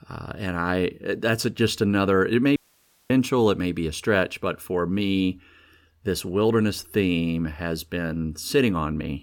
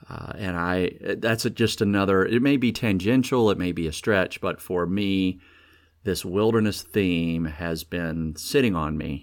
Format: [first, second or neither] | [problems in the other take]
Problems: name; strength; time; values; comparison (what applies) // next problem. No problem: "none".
second | audio cutting out; at 2.5 s for 0.5 s